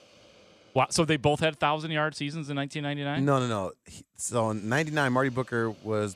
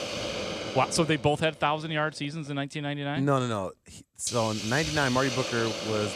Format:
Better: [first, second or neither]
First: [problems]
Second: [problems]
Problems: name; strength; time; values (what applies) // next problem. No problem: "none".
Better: first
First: hiss; faint; throughout; 30 dB below the speech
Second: hiss; loud; throughout; 5 dB below the speech